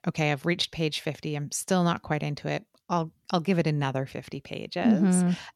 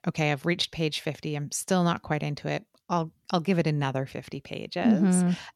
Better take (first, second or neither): neither